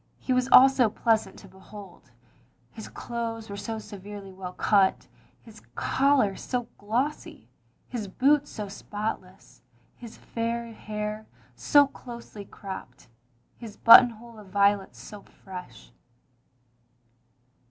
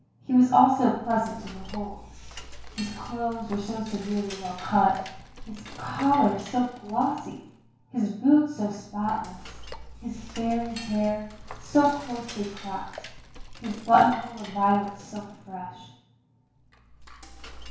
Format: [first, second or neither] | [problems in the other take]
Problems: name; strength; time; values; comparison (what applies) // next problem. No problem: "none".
first | background sound (Cutlery, silverware / Dishes, pots, and pans); 16 dB below the speech // room echo; dies away in 0.6 s